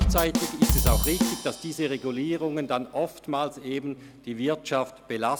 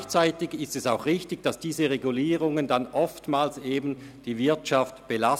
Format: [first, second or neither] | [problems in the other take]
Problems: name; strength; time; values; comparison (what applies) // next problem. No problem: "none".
second | background sound (Bass drum / Drum kit); 2 dB above the speech